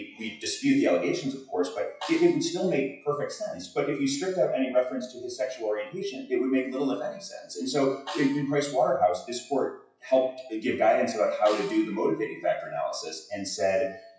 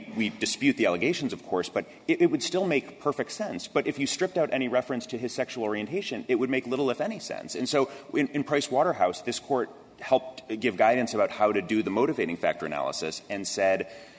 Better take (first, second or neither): second